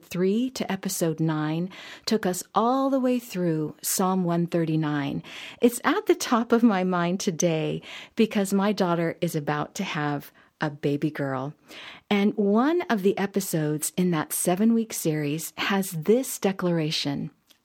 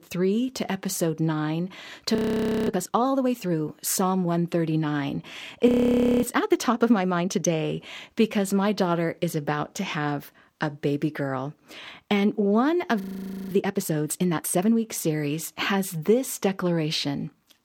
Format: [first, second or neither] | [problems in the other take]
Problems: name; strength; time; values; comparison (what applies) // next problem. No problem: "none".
first | audio freezing; at 2 s for 0.5 s, at 5.5 s for 0.5 s and at 13 s for 0.5 s